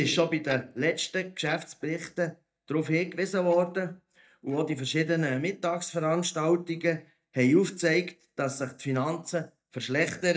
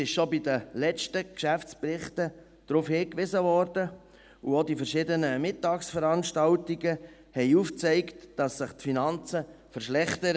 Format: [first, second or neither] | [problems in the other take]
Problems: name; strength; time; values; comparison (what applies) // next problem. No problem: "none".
second | noise reduction (neural mask model DeepFilterNet 3)